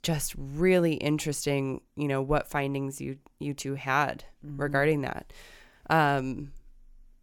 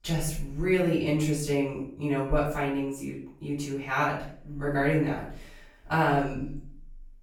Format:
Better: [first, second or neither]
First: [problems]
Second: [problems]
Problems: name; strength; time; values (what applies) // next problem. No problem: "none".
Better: first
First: none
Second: off-mic speech; far // room echo; noticeable; dies away in 0.5 s